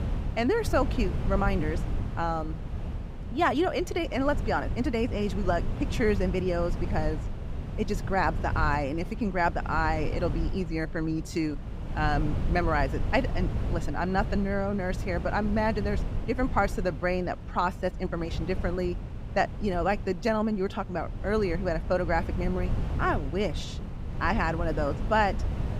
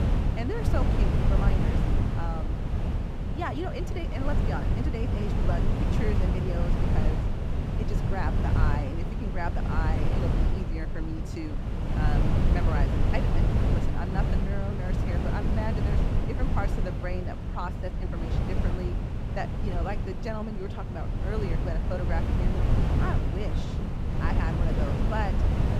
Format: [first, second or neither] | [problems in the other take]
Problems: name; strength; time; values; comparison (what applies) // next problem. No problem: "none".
first | wind noise on the microphone; heavy; as loud as the speech; occasional gusts in the first